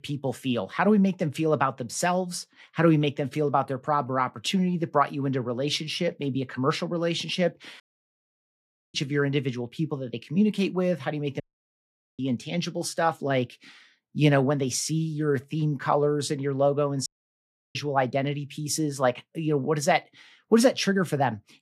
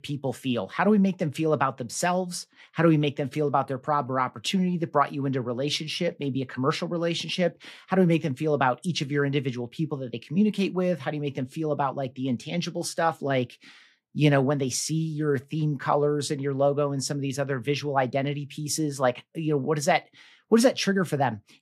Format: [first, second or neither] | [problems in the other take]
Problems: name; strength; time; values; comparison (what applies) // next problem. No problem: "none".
second | audio cutting out; at 8 s for 1 s, at 11 s for 1 s and at 17 s for 0.5 s